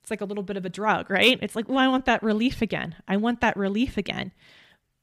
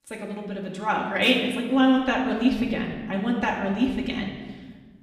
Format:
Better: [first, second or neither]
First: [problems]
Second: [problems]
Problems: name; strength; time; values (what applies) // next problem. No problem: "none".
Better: first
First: none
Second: room echo; noticeable; dies away in 1.2 s // off-mic speech; far